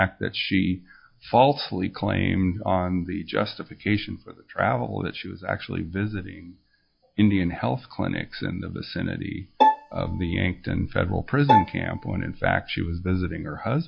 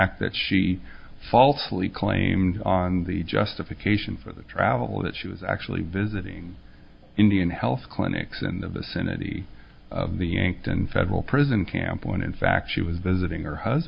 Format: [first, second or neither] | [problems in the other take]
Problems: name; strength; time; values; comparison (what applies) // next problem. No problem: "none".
second | noise reduction (classical method log-MMSE)